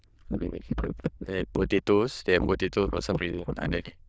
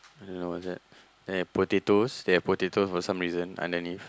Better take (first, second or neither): second